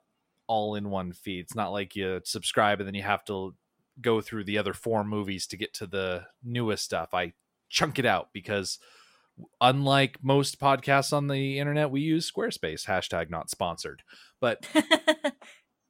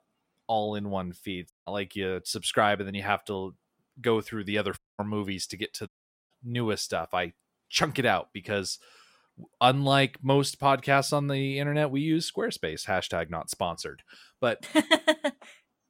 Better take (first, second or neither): first